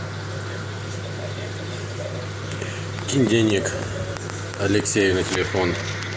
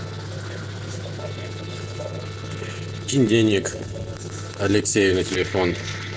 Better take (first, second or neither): first